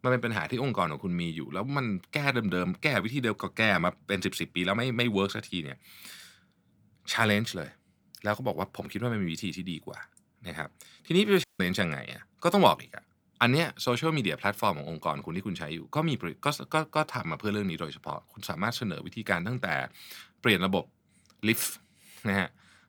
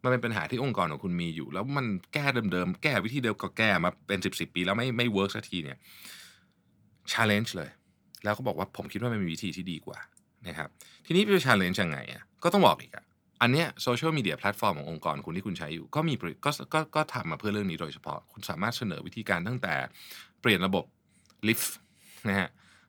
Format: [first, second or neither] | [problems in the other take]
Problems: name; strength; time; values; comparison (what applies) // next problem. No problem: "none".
second | audio cutting out; at 11 s